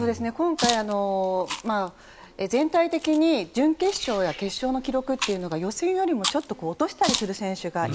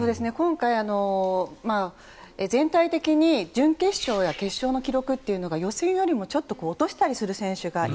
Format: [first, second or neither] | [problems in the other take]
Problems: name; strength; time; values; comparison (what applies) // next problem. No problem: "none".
second | background sound (Chewing, mastication); 11 dB below the speech